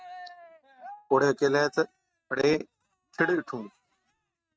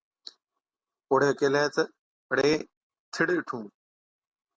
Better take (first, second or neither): second